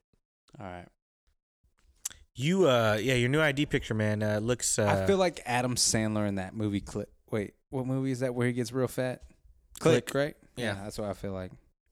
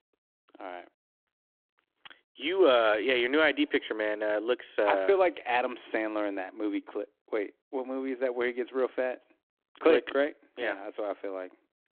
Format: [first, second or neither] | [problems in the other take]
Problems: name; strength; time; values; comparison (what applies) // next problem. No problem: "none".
first | phone-call audio